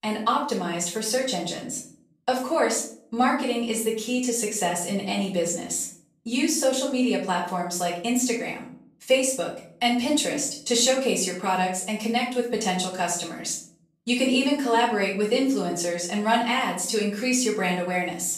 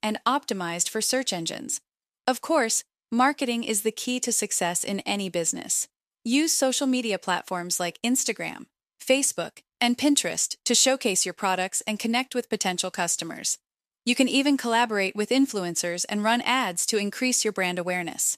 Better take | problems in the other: second | off-mic speech; far // room echo; noticeable; dies away in 0.6 s

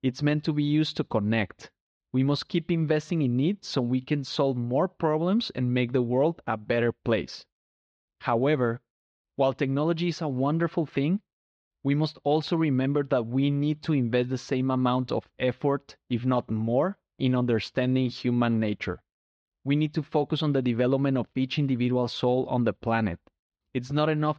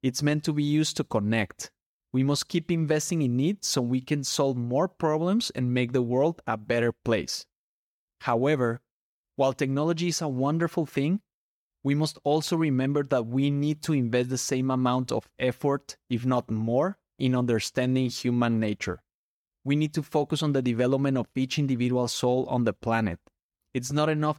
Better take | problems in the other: second | muffled; very slightly; fading above 4 kHz

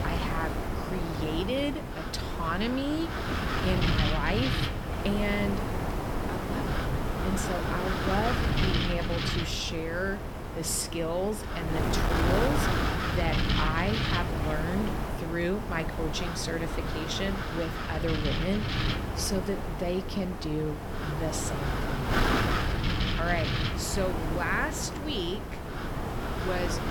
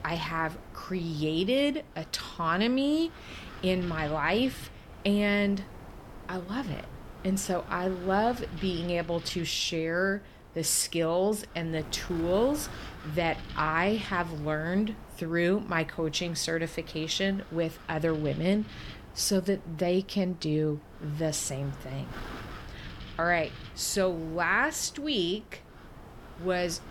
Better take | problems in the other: second | wind noise on the microphone; heavy; as loud as the speech; occasional gusts in the second

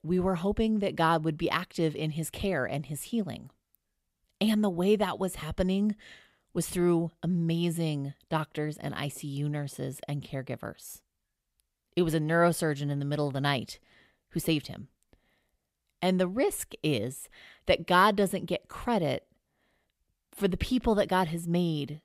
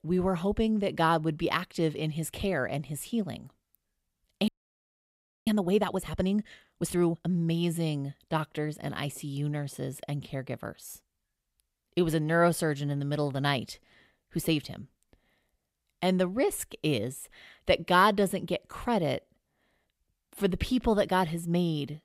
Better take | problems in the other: first | audio freezing; at 4.5 s for 1 s

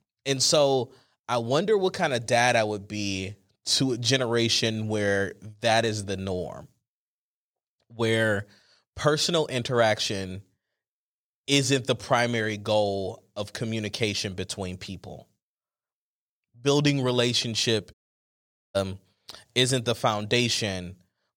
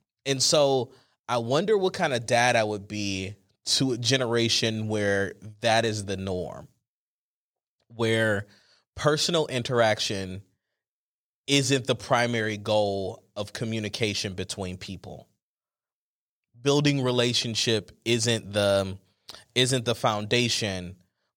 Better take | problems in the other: second | audio cutting out; at 18 s for 1 s

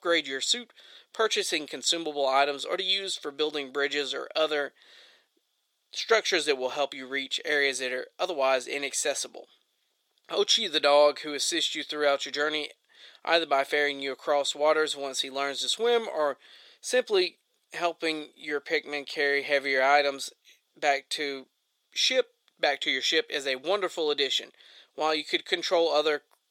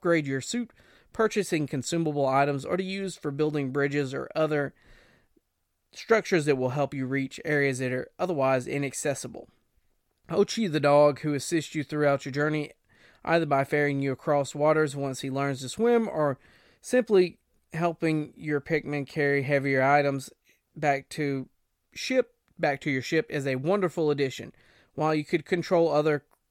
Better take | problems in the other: second | thin; somewhat; fading below 400 Hz

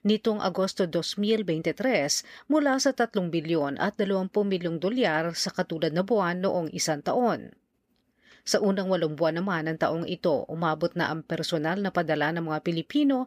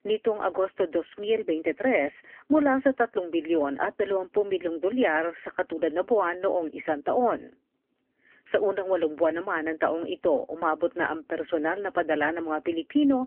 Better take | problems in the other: first | phone-call audio; poor line; nothing above 3 kHz

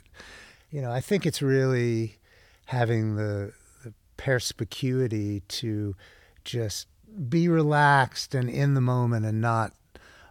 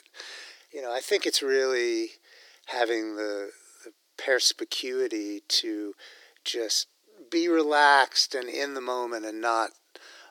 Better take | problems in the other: first | thin; very; fading below 300 Hz

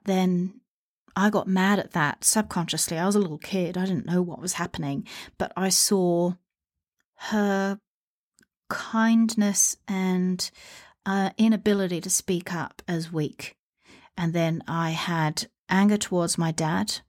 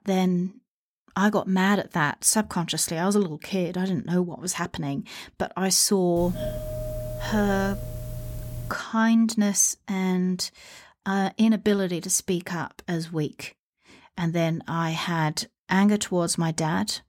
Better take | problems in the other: first | doorbell; noticeable; from 6 to 8.5 s; peak 7 dB below the speech

